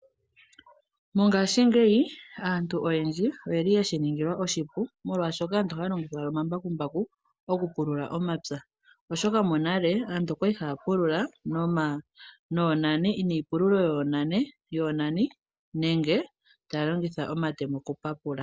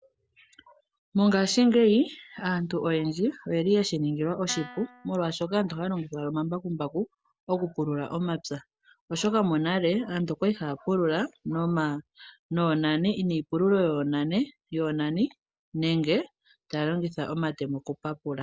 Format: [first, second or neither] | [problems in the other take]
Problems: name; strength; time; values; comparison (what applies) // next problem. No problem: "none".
first | background sound (Guitar); 16 dB below the speech